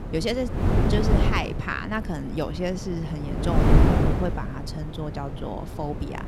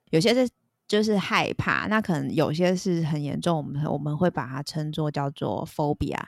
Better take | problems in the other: second | wind noise on the microphone; heavy; as loud as the speech

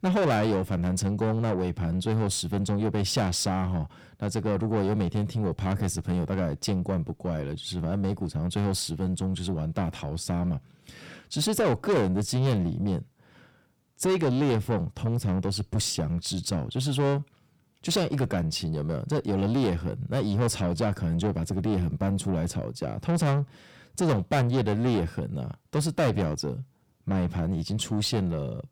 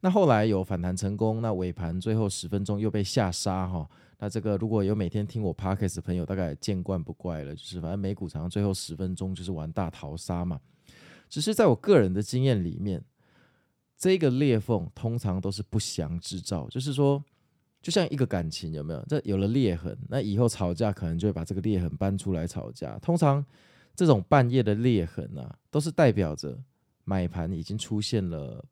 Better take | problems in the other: second | distortion; heavy; 7 dB below the speech

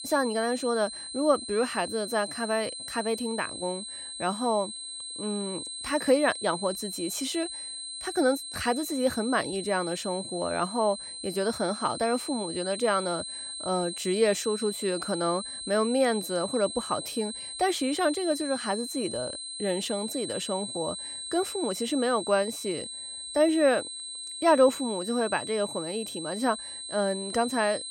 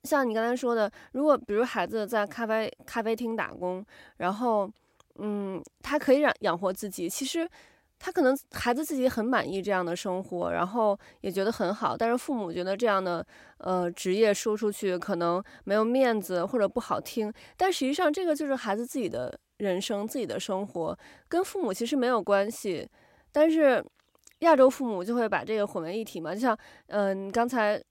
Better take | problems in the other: second | high-pitched whine; loud; throughout; 4 kHz, 7 dB below the speech

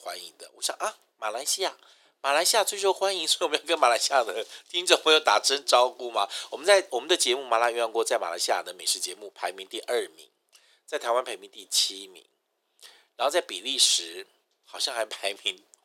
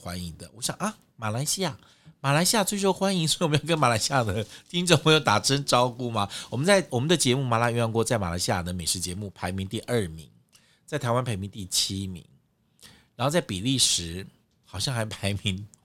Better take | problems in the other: second | thin; very; fading below 350 Hz

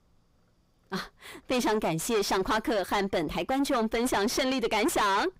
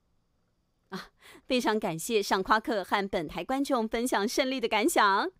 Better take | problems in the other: second | distortion; heavy; 5 dB below the speech

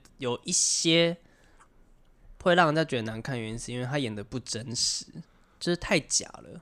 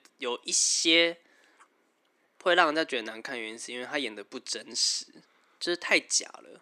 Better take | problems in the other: first | thin; somewhat; fading below 300 Hz

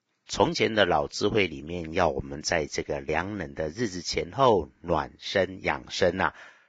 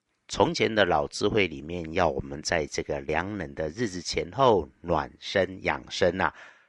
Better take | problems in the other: second | garbled, watery; badly; slightly in the second

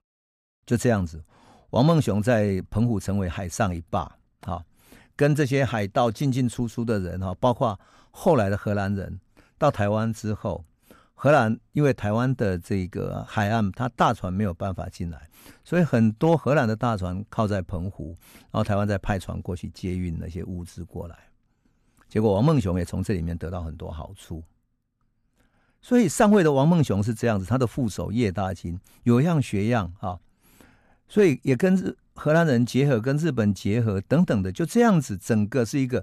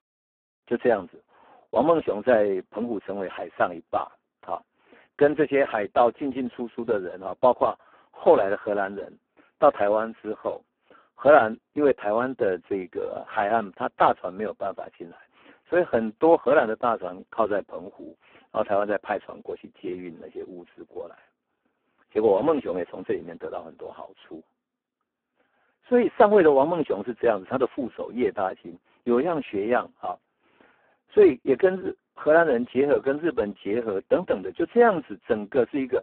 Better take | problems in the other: first | phone-call audio; poor line

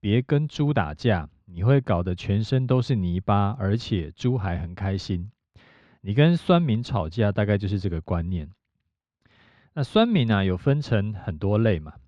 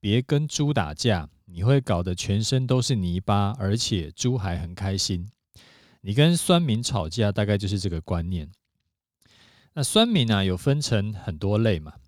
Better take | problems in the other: second | muffled; slightly; fading above 2 kHz

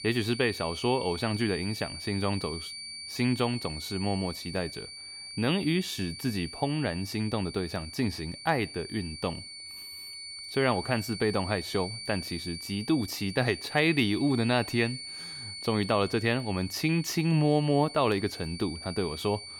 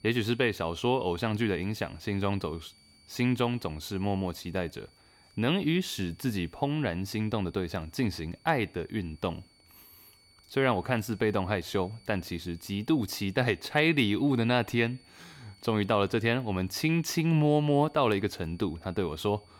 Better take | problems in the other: second | high-pitched whine; loud; throughout; 4.5 kHz, 10 dB below the speech; faint in the second

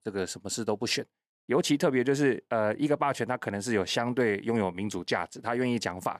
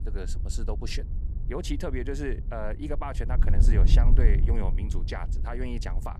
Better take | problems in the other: first | wind noise on the microphone; heavy; 9 dB below the speech

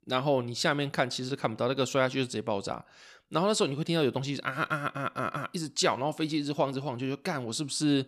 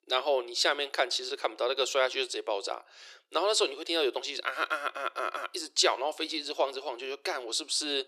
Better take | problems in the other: first | thin; very; fading below 350 Hz

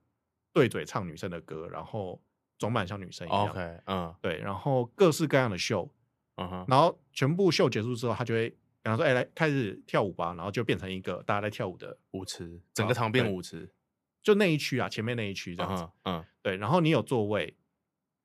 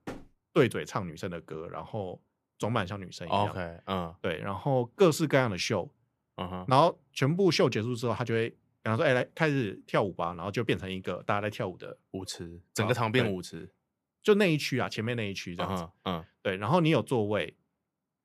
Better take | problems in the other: first | door banging; faint; at the start; peak 15 dB below the speech

